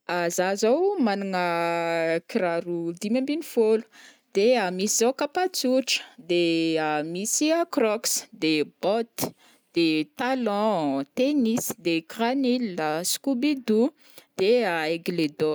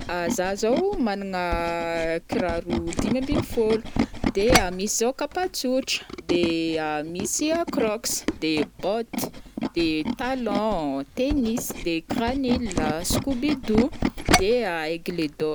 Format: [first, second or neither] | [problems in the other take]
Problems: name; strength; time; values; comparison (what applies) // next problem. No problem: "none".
first | background sound (Tools); 4 dB below the speech